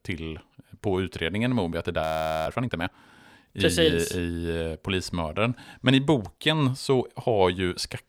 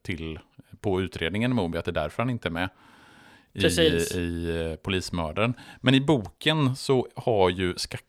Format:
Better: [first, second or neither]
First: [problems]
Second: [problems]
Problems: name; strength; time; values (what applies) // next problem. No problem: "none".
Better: second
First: audio freezing; at 2 s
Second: none